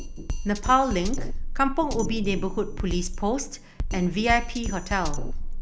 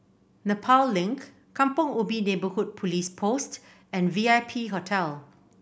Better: second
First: background sound (Drum kit); 2 dB below the speech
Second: none

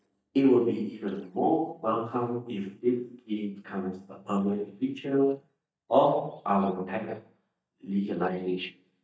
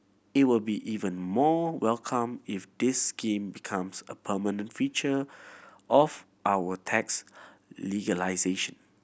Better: second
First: noise reduction (neural mask model DeepFilterNet 3)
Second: none

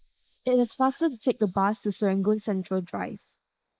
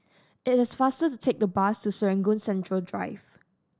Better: second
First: noise reduction (neural mask model Resemble Enhance denoiser)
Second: none

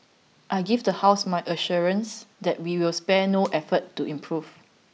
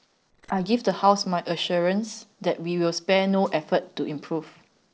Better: first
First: none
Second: noise reduction (neural separator model SepFormer DNS4)

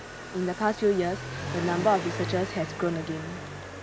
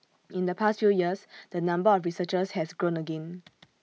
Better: second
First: background sound (Motorcycle); 7 dB below the speech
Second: none

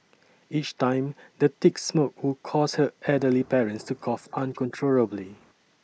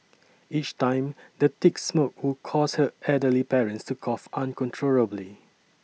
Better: second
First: noise reduction (neural mask model Resemble Enhance denoiser)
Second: none

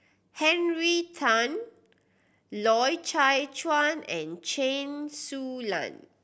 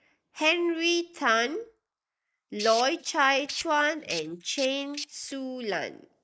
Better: first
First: none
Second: noise reduction (neural mask model Resemble Enhance denoiser)

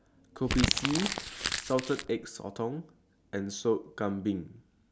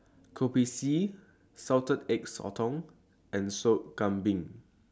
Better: second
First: background sound (Crumpling, crinkling); as loud as the speech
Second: none

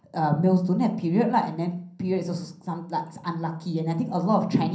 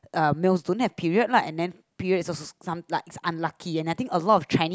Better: second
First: room echo; dies away in 0.6 s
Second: none

